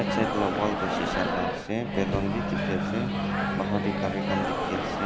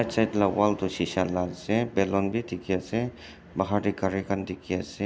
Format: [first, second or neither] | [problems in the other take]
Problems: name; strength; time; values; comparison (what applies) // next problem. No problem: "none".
second | background sound (Microwave oven); 3 dB above the speech